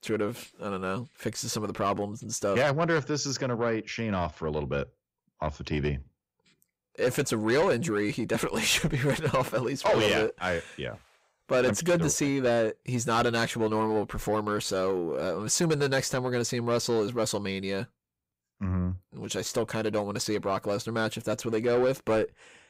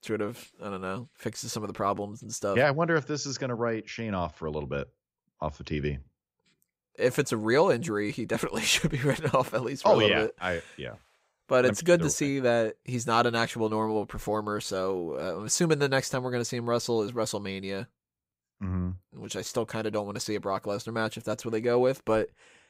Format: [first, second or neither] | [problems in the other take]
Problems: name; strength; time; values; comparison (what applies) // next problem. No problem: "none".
second | distortion; slight; 10 dB below the speech